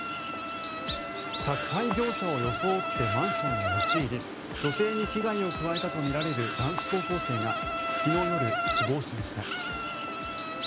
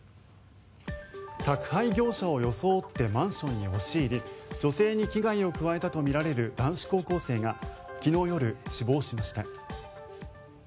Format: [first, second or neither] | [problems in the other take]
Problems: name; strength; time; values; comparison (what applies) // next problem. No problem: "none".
second | background sound (Insect); as loud as the speech